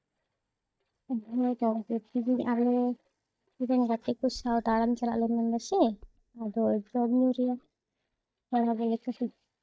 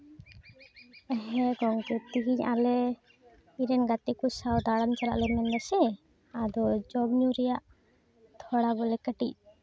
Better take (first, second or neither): second